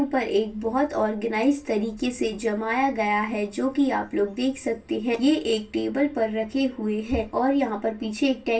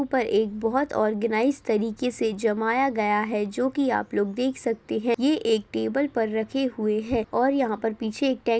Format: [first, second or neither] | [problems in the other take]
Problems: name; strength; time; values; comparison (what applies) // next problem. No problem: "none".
second | room echo; dies away in 0.2 s